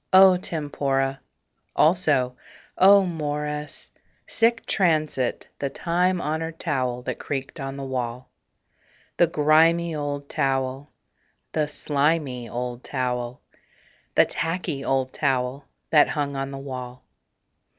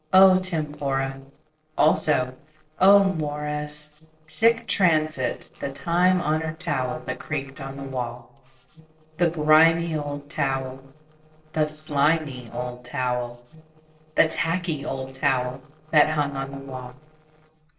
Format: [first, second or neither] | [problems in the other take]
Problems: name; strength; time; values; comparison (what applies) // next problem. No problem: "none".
first | noise reduction (neural separator model SepFormer DNS4)